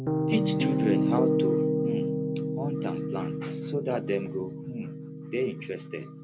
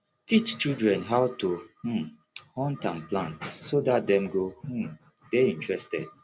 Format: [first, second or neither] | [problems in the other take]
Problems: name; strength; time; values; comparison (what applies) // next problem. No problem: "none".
second | background sound (Piano); 5 dB above the speech